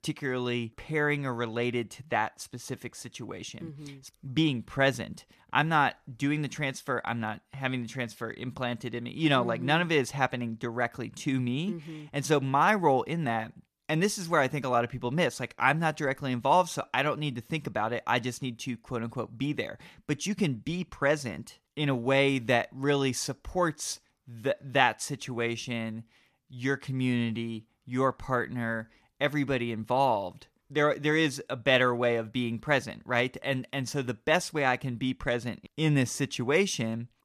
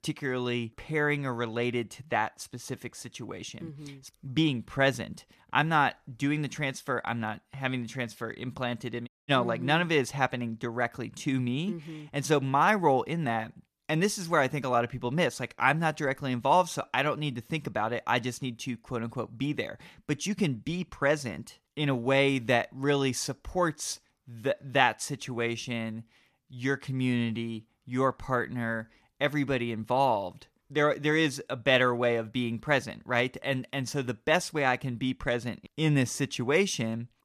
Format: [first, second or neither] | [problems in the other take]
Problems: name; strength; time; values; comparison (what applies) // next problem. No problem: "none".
first | audio cutting out; at 9 s